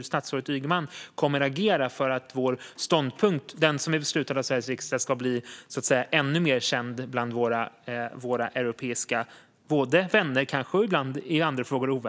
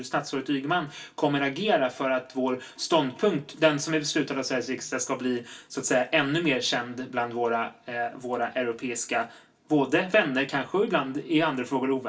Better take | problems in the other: first | room echo; dies away in 0.2 s

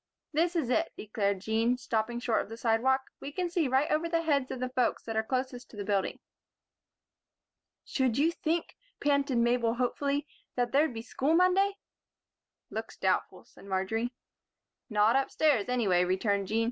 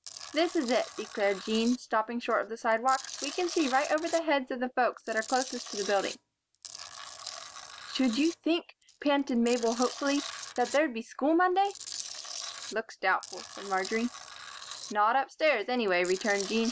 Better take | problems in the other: first | background sound (Tools); 13 dB below the speech

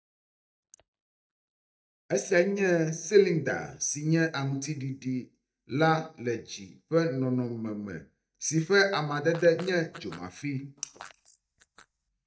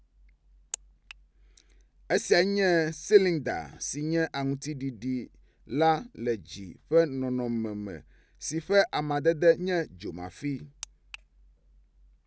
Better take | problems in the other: second | noise reduction (neural mask model DeepFilterNet 3)

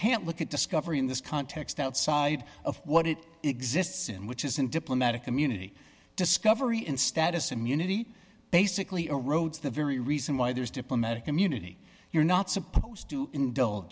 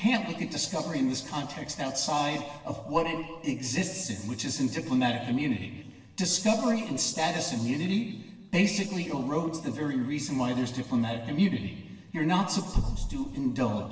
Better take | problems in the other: first | noise reduction (neural separator model SepFormer DNS4)

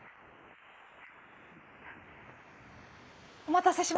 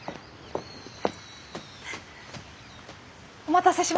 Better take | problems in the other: second | noise reduction (neural mask model Resemble Enhance denoiser)

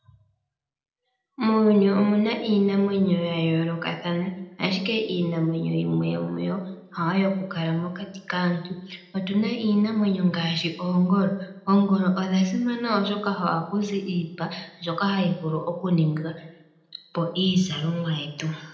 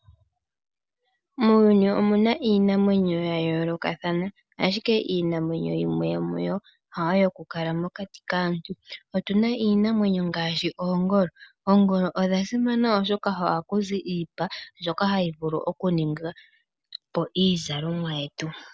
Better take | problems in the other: second | room echo; dies away in 0.7 s

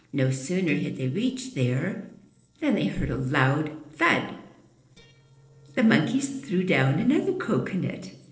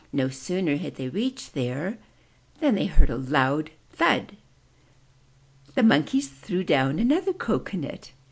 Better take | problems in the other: second | noise reduction (neural separator model SepFormer DNS4)

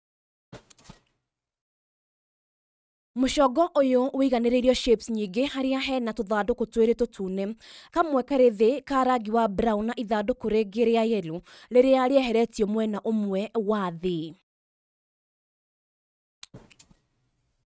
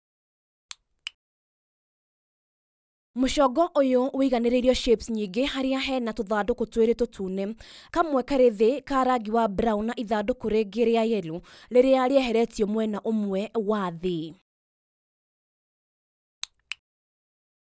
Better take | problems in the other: second | noise reduction (neural mask model RNNoise)

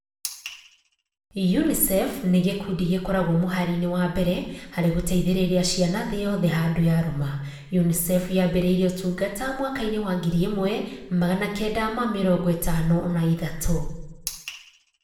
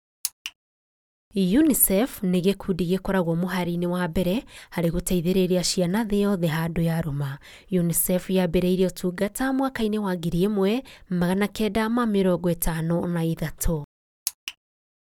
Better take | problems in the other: second | room echo; dies away in 0.8 s

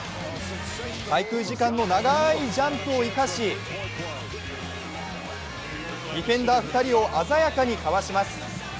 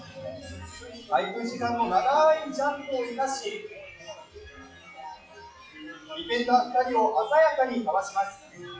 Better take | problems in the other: first | noise reduction (classical method WPE with log-MMSE)

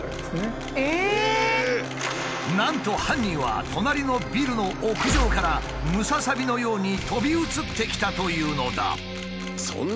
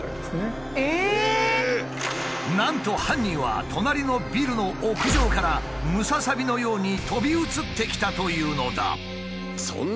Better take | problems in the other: second | background sound (Camera); 19 dB below the speech

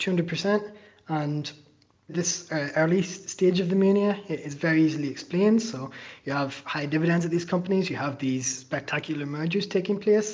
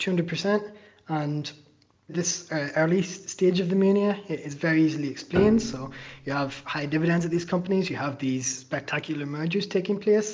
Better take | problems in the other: first | background sound (Piano); 10 dB below the speech

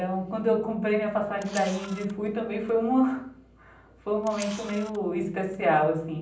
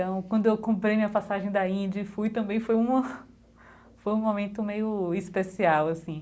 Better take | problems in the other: second | background sound (Camera); 18 dB below the speech // room echo; dies away in 0.6 s

